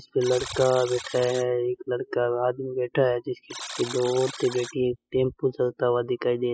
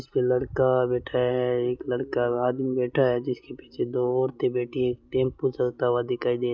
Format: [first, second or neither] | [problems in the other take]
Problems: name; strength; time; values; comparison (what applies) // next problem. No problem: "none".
second | noise reduction (classical method spectral subtraction)